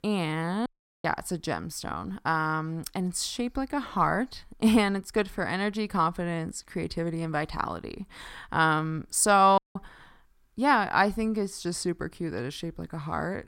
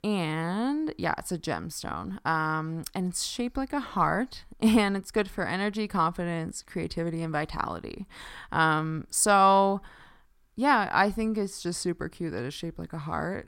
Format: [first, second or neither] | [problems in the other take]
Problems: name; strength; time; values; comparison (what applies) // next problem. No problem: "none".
second | audio cutting out; at 0.5 s and at 9.5 s